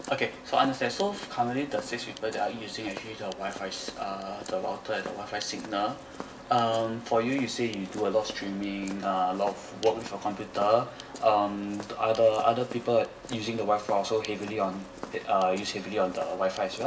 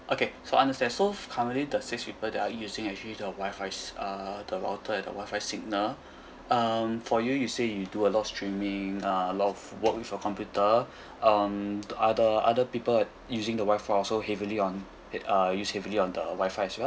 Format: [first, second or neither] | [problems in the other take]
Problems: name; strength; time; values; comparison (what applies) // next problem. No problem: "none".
second | background sound (Walk, footsteps); 16 dB below the speech // room echo; dies away in 0.7 s